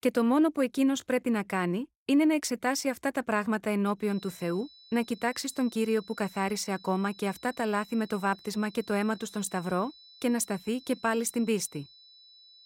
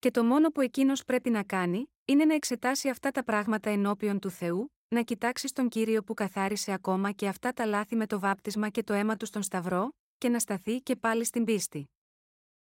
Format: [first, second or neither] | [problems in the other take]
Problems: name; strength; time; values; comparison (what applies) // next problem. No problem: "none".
second | high-pitched whine; faint; from 4 s on; 4 kHz, 20 dB below the speech